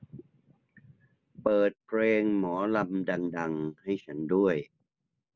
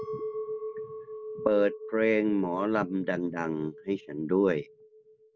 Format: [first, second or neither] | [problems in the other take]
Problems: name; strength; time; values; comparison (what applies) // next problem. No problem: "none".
first | background sound (Chink, clink); 11 dB below the speech